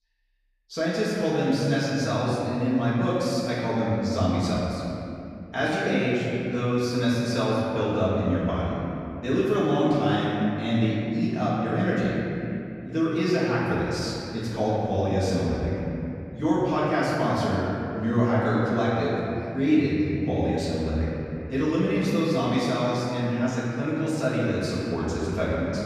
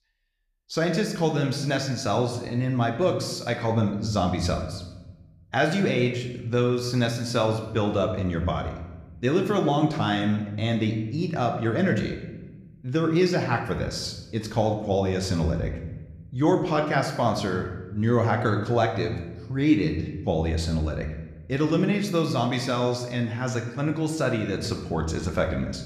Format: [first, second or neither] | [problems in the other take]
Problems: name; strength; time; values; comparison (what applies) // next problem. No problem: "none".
second | room echo; strong; dies away in 2.6 s; slight in the second // off-mic speech; far